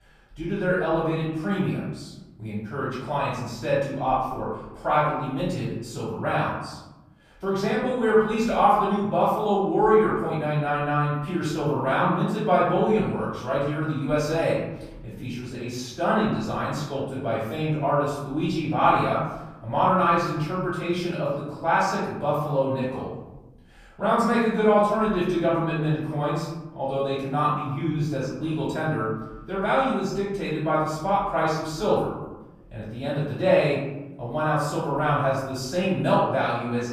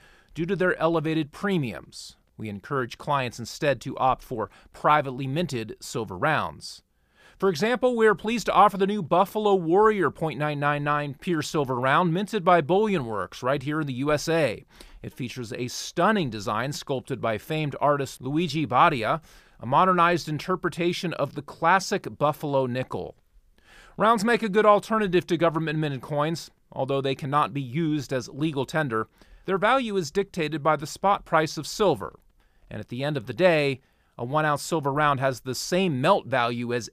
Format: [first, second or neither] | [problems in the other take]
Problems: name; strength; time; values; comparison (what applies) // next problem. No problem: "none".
second | off-mic speech; far // room echo; noticeable; dies away in 1 s